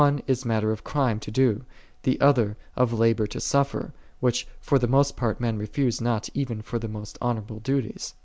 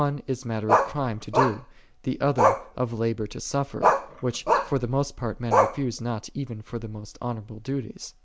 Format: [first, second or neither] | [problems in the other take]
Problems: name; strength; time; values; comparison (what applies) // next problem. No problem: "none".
first | background sound (Bark); 3 dB above the speech